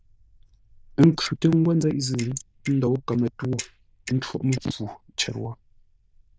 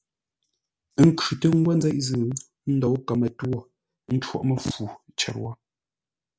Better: second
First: noise reduction (neural diffusion model UNIVERSE++)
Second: none

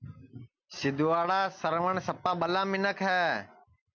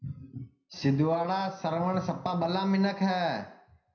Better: first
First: none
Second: room echo; dies away in 0.5 s

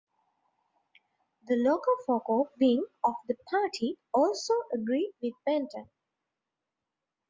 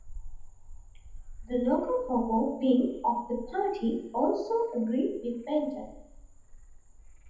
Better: first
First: none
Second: background sound (Frog); 15 dB below the speech // room echo; dies away in 1 s

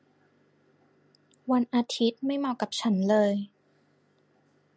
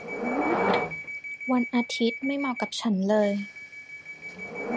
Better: first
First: none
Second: background sound (Subway, metro, underground / Door); 2 dB below the speech

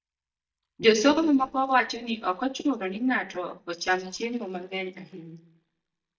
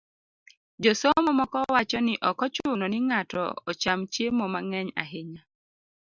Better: second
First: noise reduction (neural mask model DeepFilterNet 3)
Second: none

